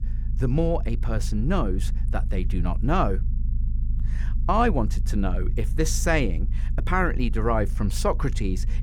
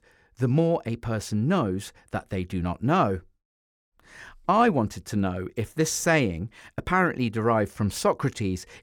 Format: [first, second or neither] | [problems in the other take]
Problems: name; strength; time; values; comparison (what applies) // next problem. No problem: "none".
second | low rumble; noticeable; throughout; 20 dB below the speech